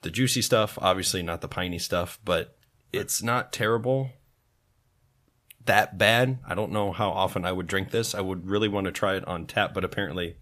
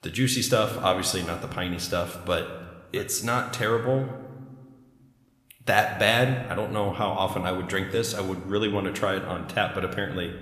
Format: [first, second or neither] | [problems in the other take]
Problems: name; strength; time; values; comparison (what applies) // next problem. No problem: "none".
first | room echo; slight; dies away in 1.1 s